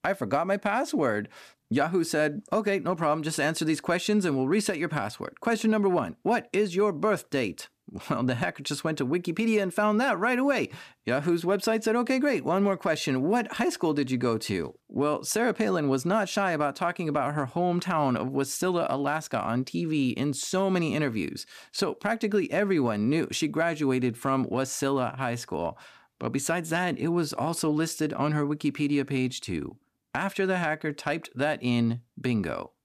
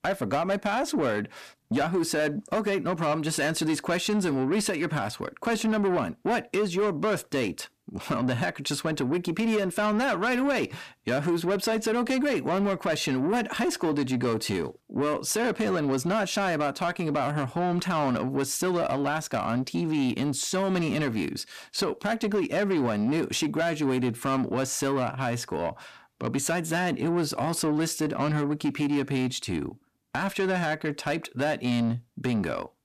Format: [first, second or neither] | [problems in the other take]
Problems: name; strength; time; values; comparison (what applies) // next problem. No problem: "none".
first | distortion; slight; 10 dB below the speech